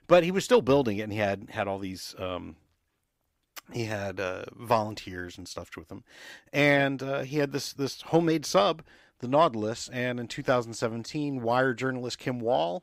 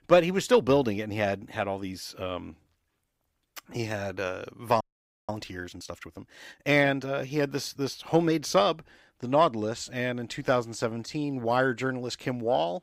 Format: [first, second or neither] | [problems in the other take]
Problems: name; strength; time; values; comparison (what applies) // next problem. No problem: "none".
first | audio freezing; at 5 s